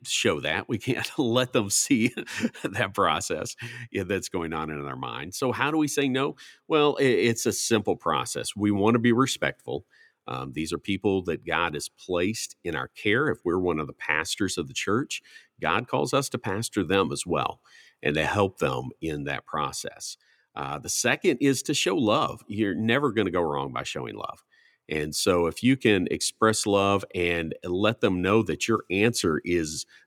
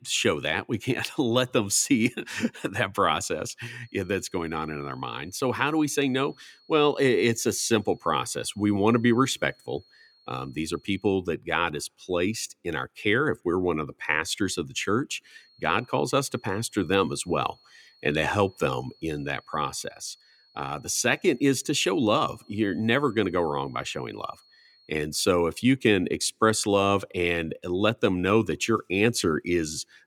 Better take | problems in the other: first | high-pitched whine; faint; from 4 to 11 s and from 15 to 25 s; 4.5 kHz, 30 dB below the speech

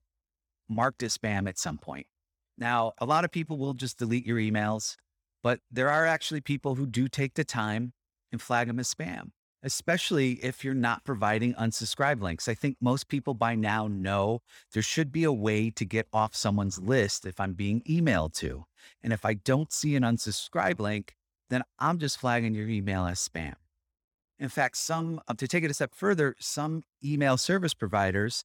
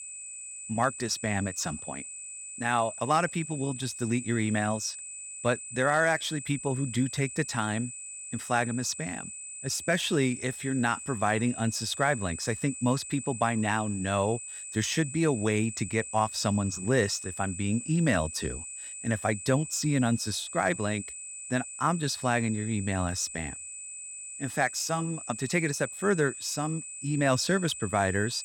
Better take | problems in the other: first | high-pitched whine; loud; throughout; 8 kHz, 9 dB below the speech

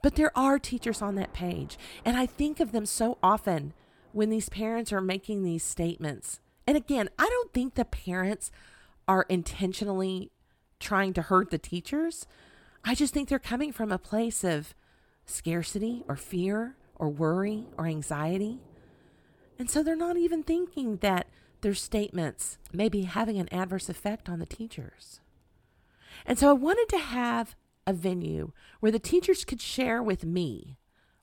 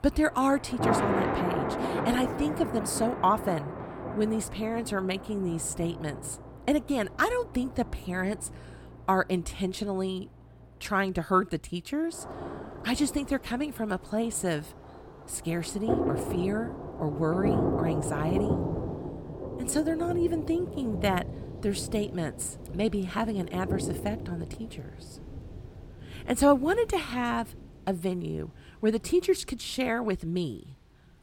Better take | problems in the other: first | rain or running water; loud; throughout; 5 dB below the speech; faint in the first

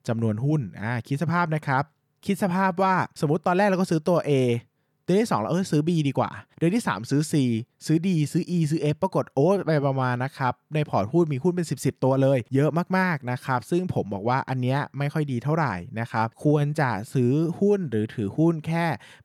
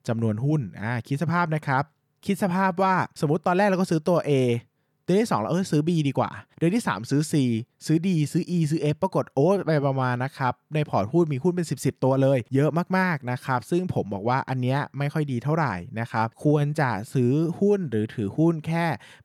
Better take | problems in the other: neither | none

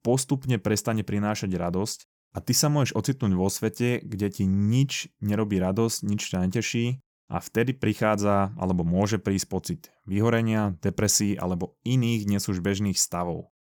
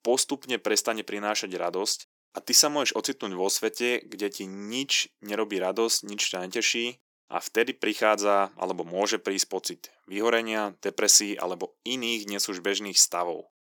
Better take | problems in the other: first | thin; very; fading below 300 Hz

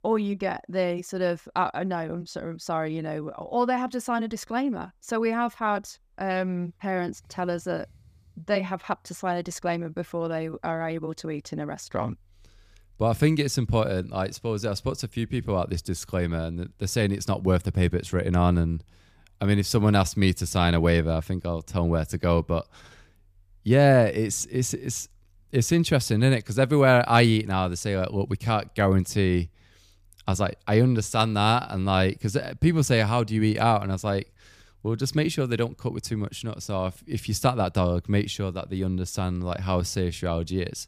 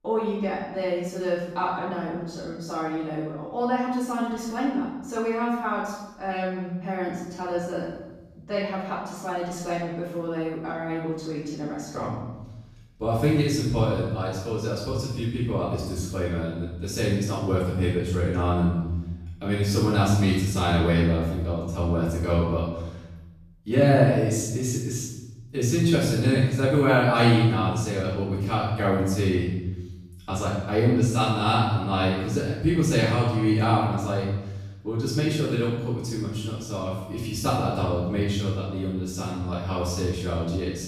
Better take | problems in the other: first | off-mic speech; far // room echo; strong; dies away in 0.9 s

